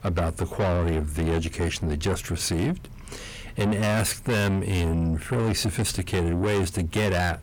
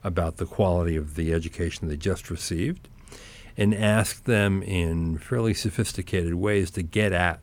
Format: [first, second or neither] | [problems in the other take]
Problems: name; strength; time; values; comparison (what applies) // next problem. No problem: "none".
second | distortion; heavy; 7 dB below the speech